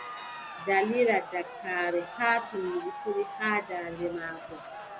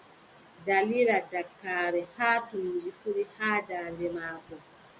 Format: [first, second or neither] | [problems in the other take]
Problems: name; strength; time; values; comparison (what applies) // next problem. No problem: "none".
second | background sound (Crowd); 12 dB below the speech